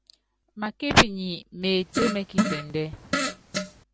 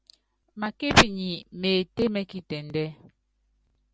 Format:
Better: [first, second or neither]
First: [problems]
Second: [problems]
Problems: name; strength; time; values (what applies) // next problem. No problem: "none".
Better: second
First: background sound (Fart); 2 dB below the speech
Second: none